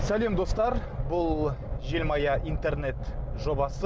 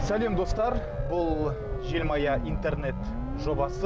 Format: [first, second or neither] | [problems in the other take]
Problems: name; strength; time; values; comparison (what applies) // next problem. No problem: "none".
first | background sound (Siren); 9 dB below the speech